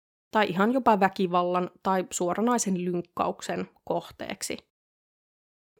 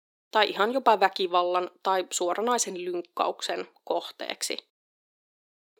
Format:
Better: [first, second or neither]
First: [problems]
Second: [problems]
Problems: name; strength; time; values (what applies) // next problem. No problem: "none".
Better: first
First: none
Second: thin; somewhat; fading below 300 Hz